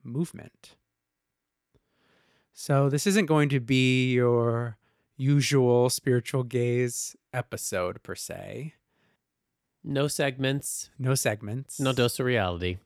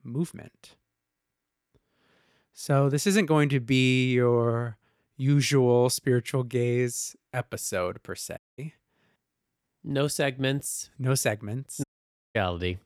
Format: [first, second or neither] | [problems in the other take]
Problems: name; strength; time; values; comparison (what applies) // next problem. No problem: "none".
first | audio cutting out; at 8.5 s and at 12 s for 0.5 s